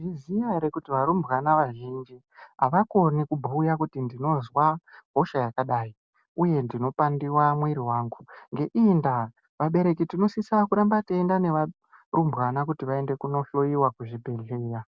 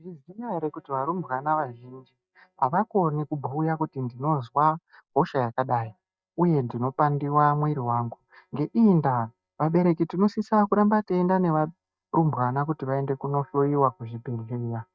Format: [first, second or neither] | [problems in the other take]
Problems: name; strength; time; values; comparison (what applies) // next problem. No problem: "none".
first | noise reduction (neural mask model DeepFilterNet 3)